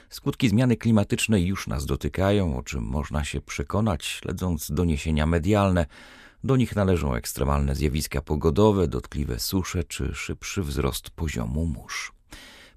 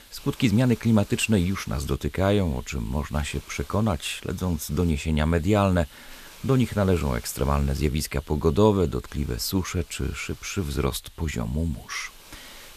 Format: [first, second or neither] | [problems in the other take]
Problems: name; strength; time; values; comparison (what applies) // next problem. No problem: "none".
first | hiss; faint; throughout; 20 dB below the speech